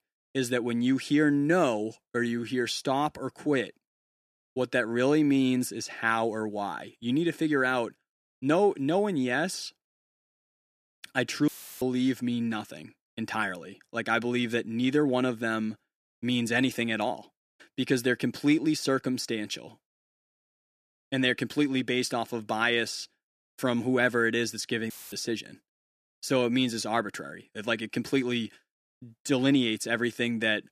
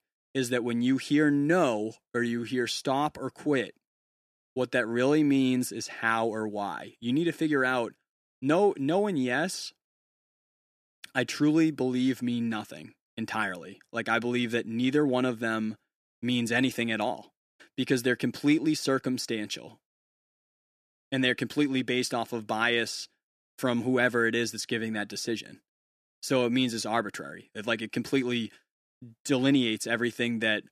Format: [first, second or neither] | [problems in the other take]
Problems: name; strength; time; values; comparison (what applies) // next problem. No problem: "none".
second | audio cutting out; filled with static; at 11 s and at 25 s